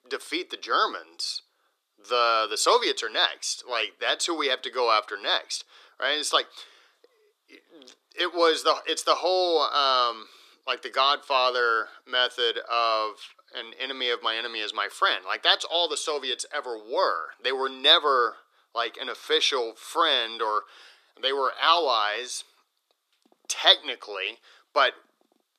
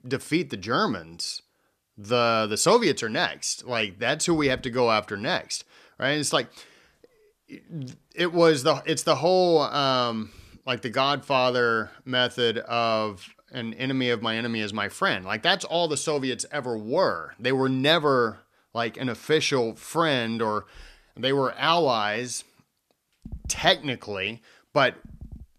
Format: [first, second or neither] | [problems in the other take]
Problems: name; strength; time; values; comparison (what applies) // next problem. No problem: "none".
second | thin; very; fading below 350 Hz